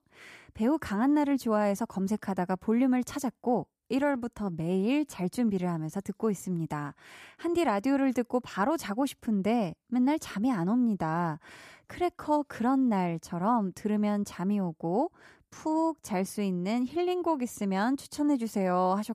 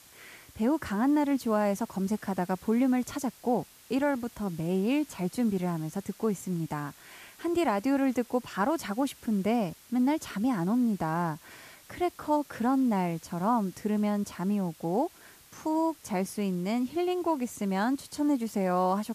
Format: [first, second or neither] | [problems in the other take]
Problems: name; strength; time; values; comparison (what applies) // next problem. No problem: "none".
first | hiss; faint; throughout; 25 dB below the speech